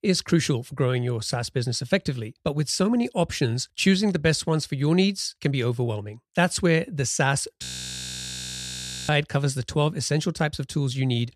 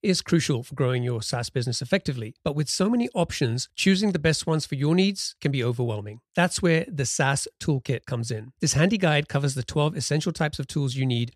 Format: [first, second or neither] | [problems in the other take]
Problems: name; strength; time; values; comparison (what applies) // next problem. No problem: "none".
second | audio freezing; at 7.5 s for 1.5 s